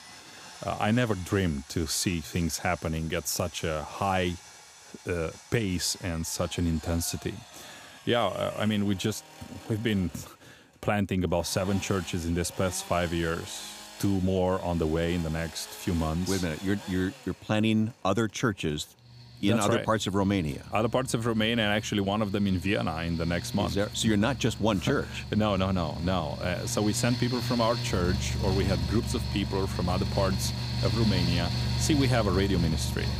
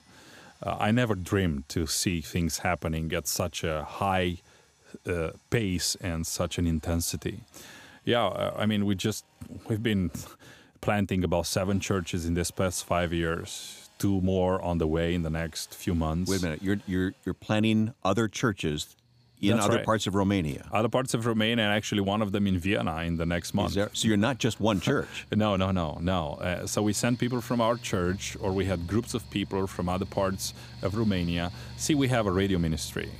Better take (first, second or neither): second